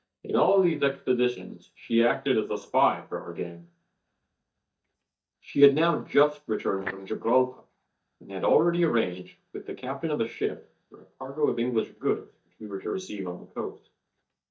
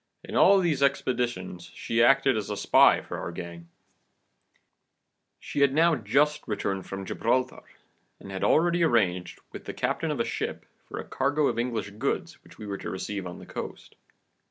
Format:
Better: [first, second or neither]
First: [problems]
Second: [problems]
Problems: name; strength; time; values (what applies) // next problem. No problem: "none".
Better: second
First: noise reduction (neural mask model DeepFilterNet 3)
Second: none